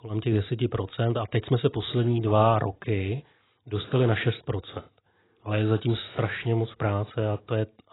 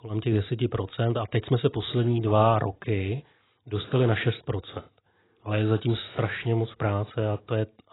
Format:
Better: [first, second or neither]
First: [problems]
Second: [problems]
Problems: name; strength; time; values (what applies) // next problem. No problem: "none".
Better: neither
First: garbled, watery; badly; nothing above 4 kHz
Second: garbled, watery; badly; nothing above 4 kHz